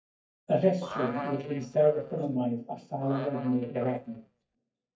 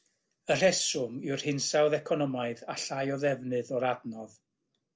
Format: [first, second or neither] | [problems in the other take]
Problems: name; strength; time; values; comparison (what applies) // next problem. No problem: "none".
second | noise reduction (neural mask model DeepFilterNet 3)